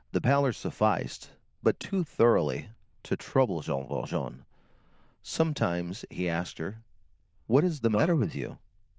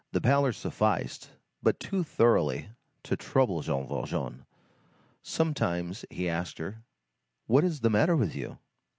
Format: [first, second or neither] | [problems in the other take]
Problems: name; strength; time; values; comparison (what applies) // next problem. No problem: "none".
second | noise reduction (neural diffusion model UNIVERSE++)